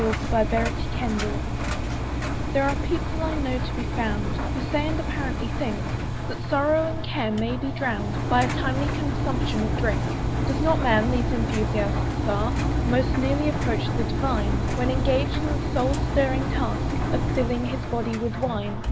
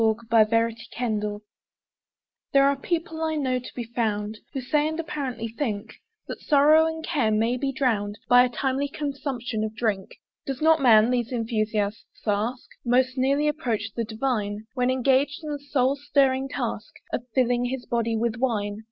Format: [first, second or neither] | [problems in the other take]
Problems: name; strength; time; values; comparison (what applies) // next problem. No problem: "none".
second | background sound (Engine); 2 dB above the speech